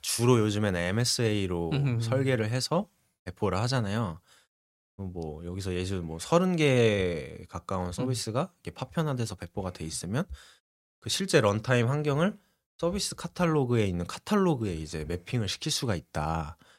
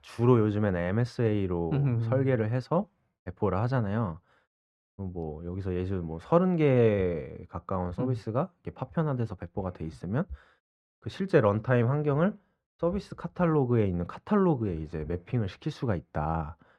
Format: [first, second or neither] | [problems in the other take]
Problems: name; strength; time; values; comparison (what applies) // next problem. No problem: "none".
first | muffled; very; fading above 3.5 kHz